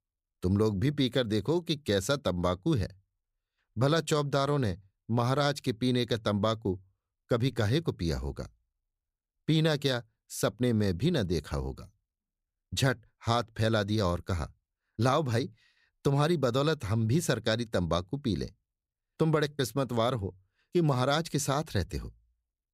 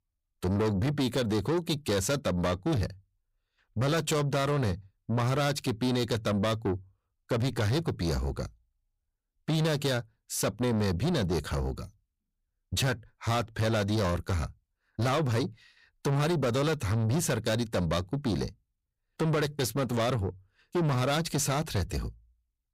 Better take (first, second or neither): first